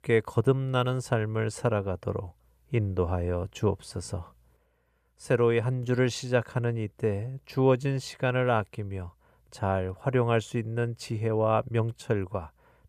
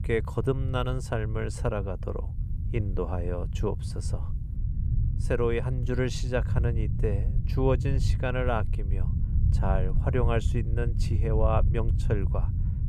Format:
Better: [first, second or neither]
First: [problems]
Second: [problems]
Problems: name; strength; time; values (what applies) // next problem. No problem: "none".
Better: first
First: none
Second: low rumble; noticeable; throughout; 10 dB below the speech